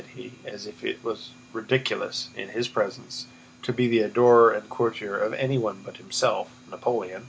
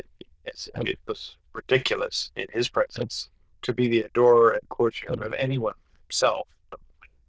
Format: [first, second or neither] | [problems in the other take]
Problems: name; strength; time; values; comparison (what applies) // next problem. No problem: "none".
first | noise reduction (neural diffusion model UNIVERSE++)